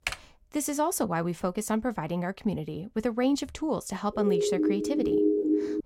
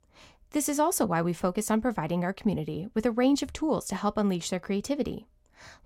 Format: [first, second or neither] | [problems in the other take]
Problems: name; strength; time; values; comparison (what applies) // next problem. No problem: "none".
second | keyboard typing; noticeable; at the start; peak 4 dB below the speech // siren; loud; from 4 s on; peak 6 dB above the speech